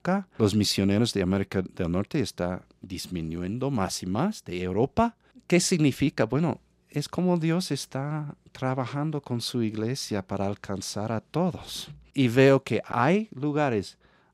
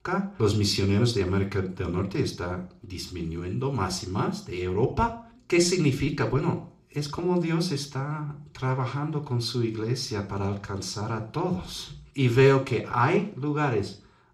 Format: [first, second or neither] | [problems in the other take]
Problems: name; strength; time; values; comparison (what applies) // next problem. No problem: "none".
first | room echo; very slight; dies away in 0.4 s // off-mic speech; somewhat distant